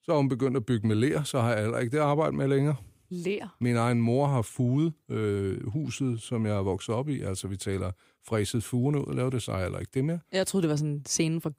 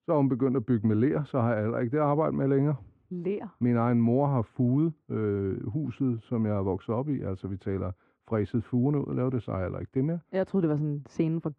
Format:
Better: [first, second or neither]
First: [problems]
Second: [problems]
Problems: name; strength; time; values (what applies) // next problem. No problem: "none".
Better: first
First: none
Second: muffled; very; fading above 1 kHz